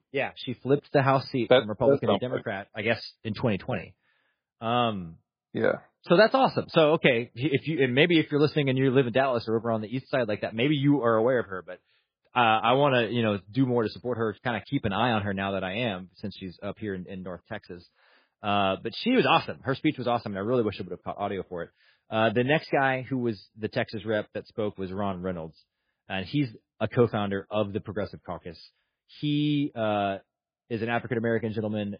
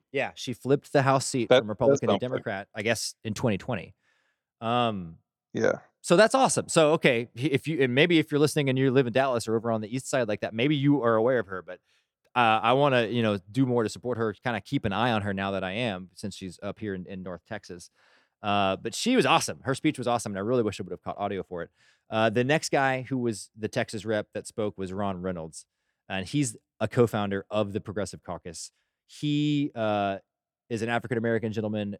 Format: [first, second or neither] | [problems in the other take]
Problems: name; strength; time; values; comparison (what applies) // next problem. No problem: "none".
second | garbled, watery; badly; nothing above 4 kHz